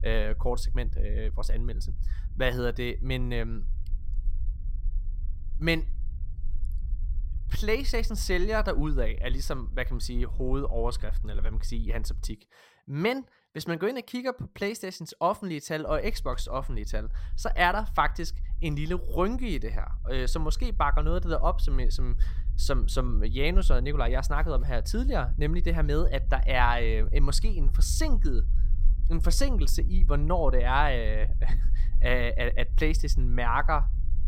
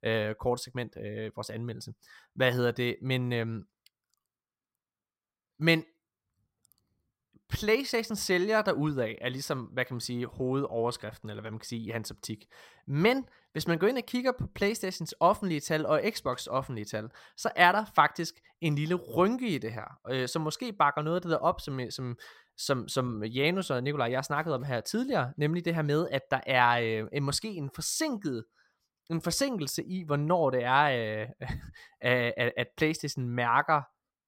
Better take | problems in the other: second | low rumble; faint; until 12 s and from 16 s on; 25 dB below the speech

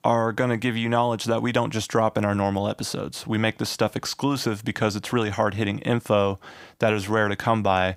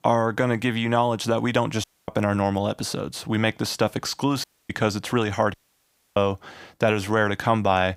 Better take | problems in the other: first | audio cutting out; at 2 s, at 4.5 s and at 5.5 s for 0.5 s

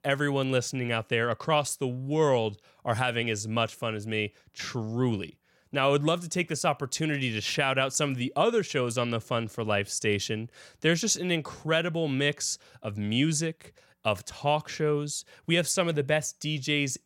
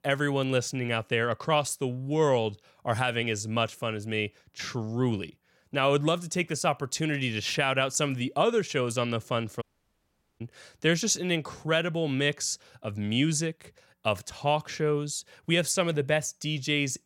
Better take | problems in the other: first | audio cutting out; at 9.5 s for 1 s

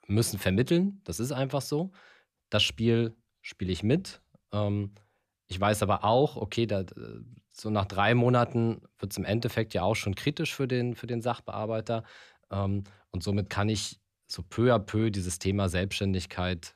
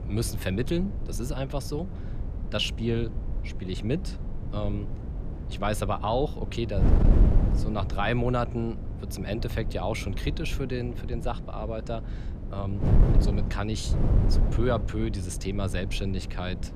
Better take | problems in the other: first | wind noise on the microphone; heavy; 9 dB below the speech

